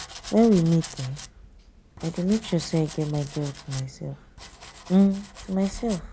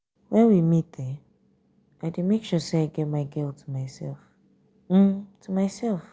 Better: second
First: background sound (Domestic sounds, home sounds); 17 dB below the speech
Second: none

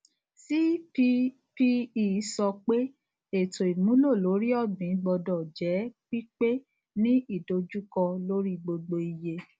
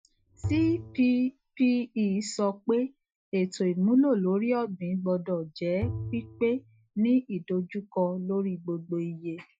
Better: first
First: none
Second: noise reduction (classical method Wiener filter)

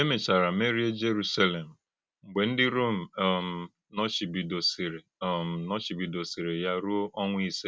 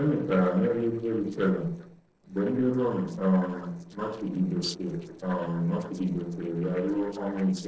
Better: first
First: none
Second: noise reduction (neural separator model SepFormer DNS4)

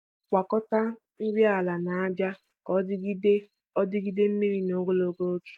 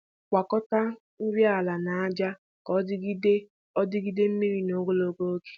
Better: second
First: noise reduction (neural mask model DeepFilterNet 3)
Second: none

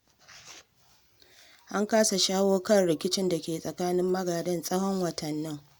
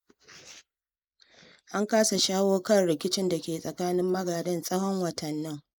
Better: first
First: none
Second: noise reduction (neural mask model Resemble Enhance denoiser)

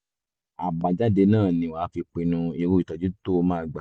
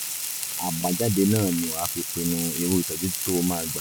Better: first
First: none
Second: background sound (Frying (food)); 4 dB below the speech

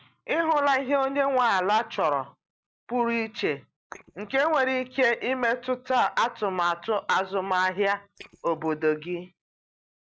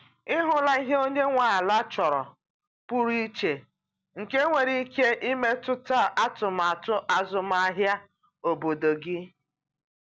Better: second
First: noise reduction (neural mask model Resemble Enhance denoiser)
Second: none

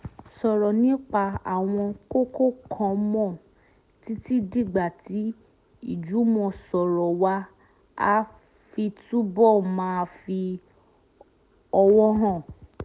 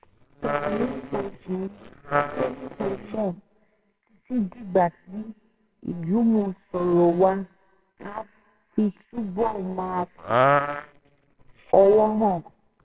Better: first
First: none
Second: noise reduction (neural separator model SepFormer WHAMR!)

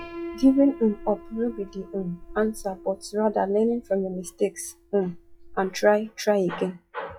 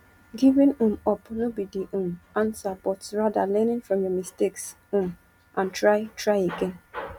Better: second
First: noise reduction (classical method log-MMSE)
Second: none

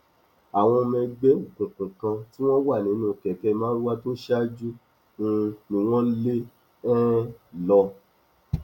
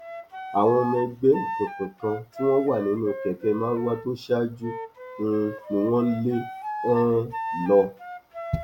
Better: first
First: none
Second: background sound (Wind instrument, woodwind instrument); 10 dB below the speech

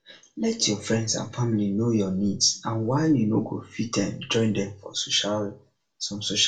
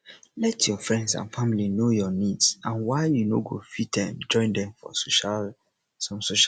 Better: second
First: room echo; dies away in 0.2 s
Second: none

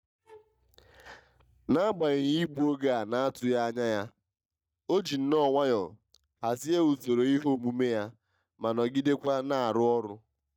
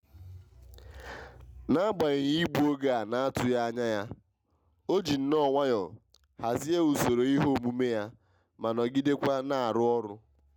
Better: second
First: noise reduction (neural mask model DeepFilterNet 3)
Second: none

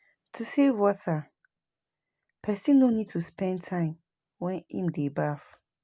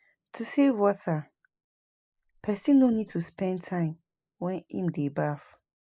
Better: first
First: none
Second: noise reduction (neural mask model Resemble Enhance denoiser)

